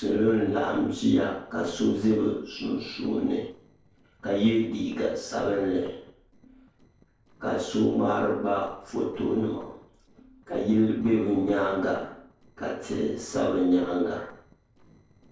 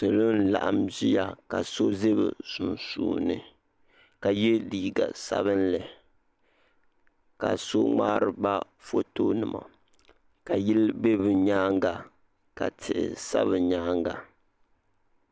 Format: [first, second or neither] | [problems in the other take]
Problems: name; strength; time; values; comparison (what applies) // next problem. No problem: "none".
second | noise reduction (neural separator model SepFormer DNS4)